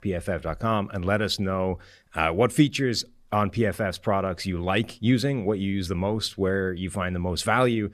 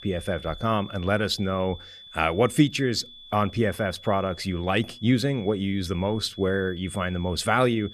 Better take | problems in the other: first | high-pitched whine; noticeable; throughout; 3.5 kHz, 20 dB below the speech

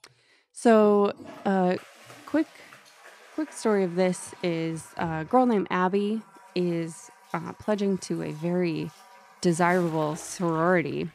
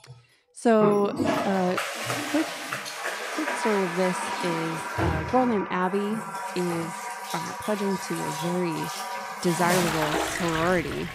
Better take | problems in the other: first | household noises; loud; throughout; 3 dB below the speech; faint in the first

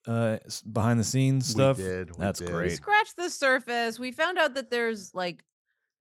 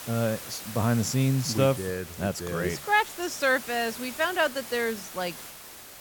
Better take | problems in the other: first | hiss; noticeable; throughout; 10 dB below the speech

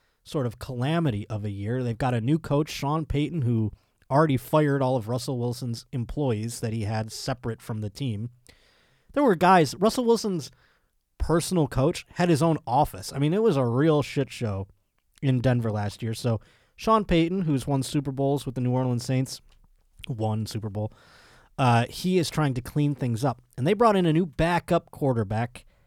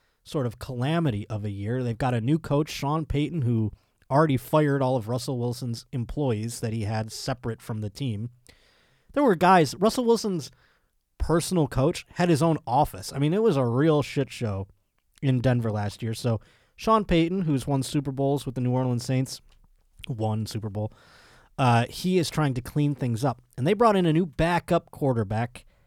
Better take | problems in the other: neither | none

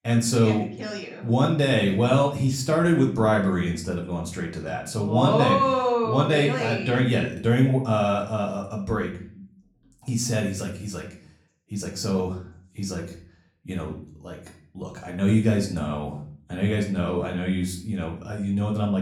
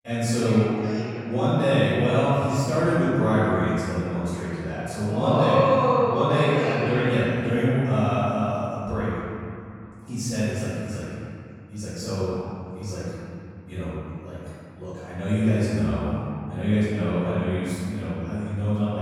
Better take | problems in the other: first | room echo; strong; dies away in 2.7 s; slight in the first // off-mic speech; far; far in the first

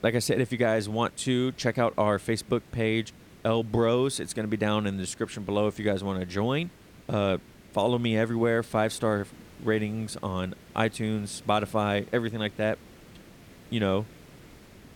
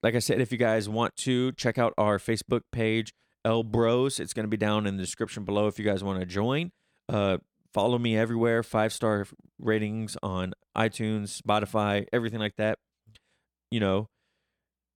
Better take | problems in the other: second | hiss; faint; throughout; 25 dB below the speech

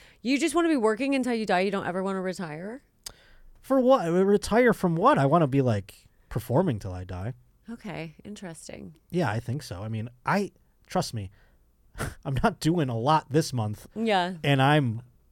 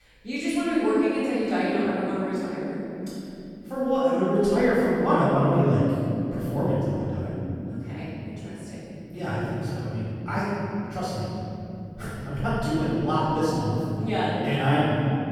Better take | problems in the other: first | off-mic speech; far // room echo; strong; dies away in 3 s

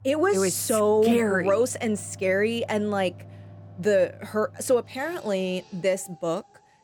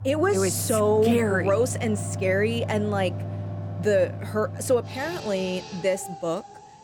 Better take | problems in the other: first | machinery noise; loud; throughout; 8 dB below the speech; faint in the first

